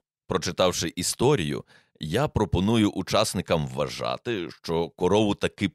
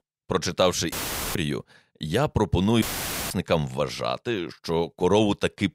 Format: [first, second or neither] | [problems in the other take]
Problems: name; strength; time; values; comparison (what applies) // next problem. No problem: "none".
first | audio cutting out; filled with static; at 1 s and at 3 s